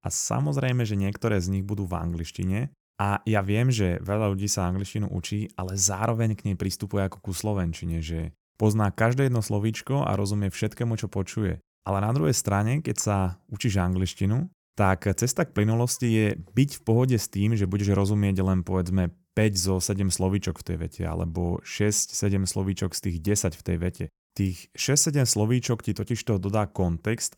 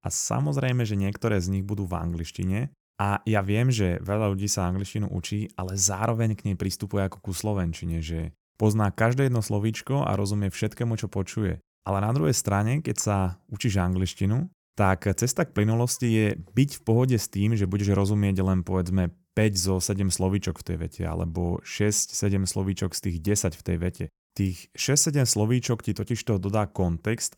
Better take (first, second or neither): neither